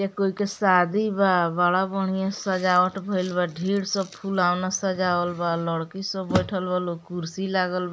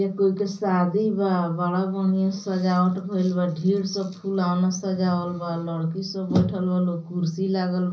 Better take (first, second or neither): first